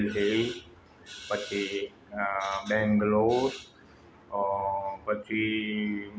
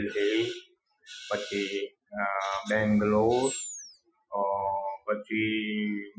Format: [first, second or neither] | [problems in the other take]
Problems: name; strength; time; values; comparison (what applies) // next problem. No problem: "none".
first | noise reduction (classical method Wiener filter)